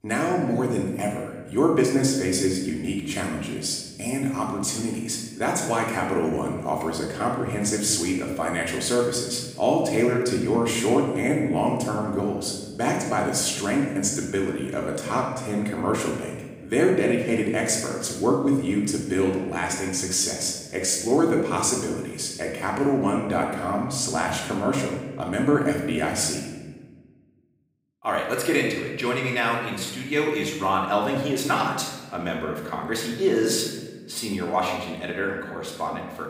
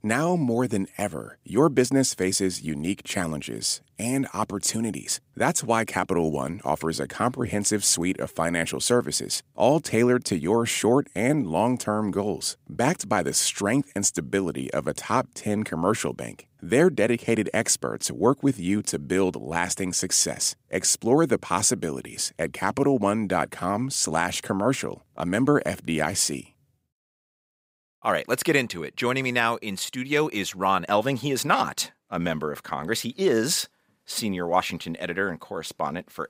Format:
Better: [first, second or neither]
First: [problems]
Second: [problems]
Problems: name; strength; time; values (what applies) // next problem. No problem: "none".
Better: second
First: room echo; noticeable; dies away in 1.1 s // off-mic speech; far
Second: none